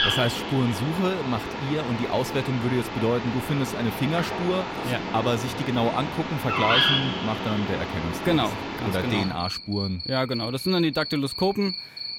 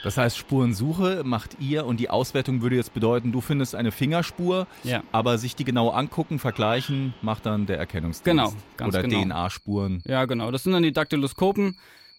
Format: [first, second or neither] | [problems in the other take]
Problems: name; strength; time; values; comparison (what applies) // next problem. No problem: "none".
second | animal sounds; loud; throughout; 2 dB below the speech; faint in the second